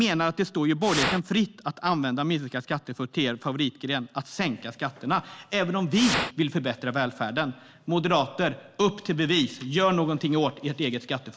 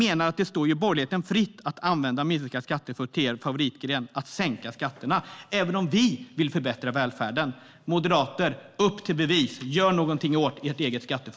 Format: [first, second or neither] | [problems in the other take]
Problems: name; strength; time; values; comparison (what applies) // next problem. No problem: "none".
second | background sound (Fire); 1 dB below the speech